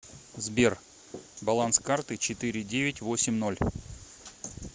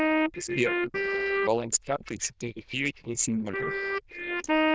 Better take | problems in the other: first | noise reduction (neural diffusion model UNIVERSE++)

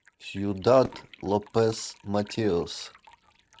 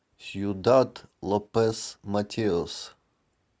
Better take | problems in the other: second | noise reduction (neural mask model RNNoise)

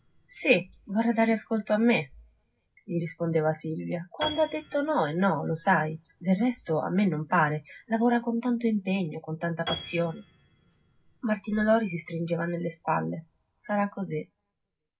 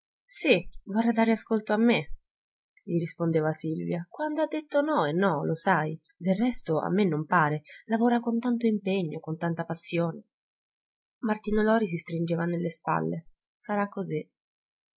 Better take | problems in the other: second | background sound (Piano); 19 dB below the speech // room echo; dies away in 0.4 s

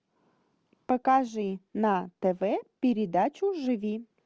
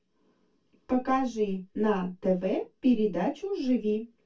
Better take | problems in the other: first | room echo; dies away in 0.2 s

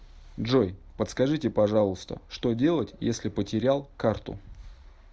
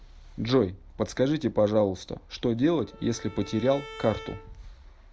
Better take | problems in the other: first | background sound (Bowed string instrument); 18 dB below the speech

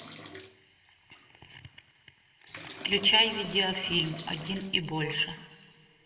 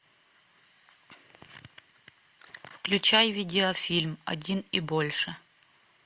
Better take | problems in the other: second | background sound (Bathtub (filling or washing) / Liquid); 17 dB below the speech // room echo; dies away in 1.1 s

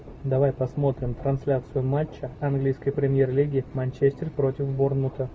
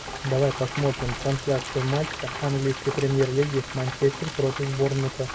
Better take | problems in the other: first | background sound (Frying (food)); 10 dB below the speech

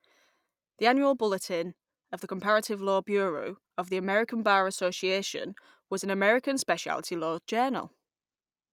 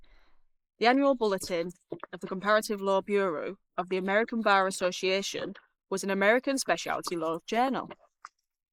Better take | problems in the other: first | noise reduction (neural mask model Resemble Enhance denoiser)

